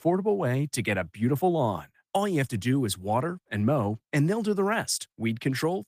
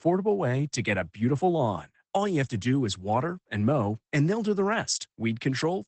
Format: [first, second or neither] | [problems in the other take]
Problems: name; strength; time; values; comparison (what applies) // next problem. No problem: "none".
first | garbled, watery; badly; nothing above 8 kHz; slightly in the first